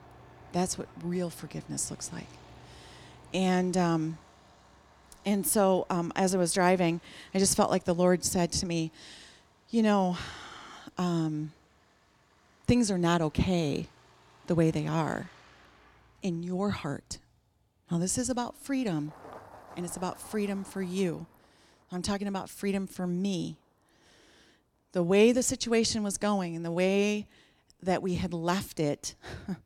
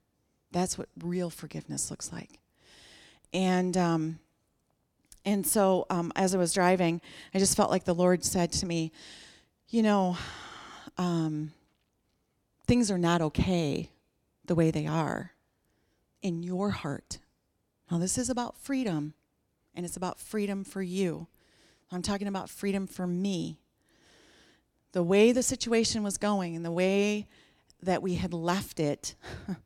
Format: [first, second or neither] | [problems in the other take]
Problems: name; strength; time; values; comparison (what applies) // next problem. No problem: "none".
second | traffic noise; faint; throughout; 25 dB below the speech